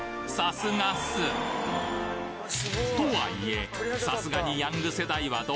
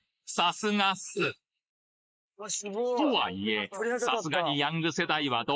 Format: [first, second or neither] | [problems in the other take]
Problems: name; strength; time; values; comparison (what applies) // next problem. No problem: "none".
first | noise reduction (neural mask model Resemble Enhance denoiser)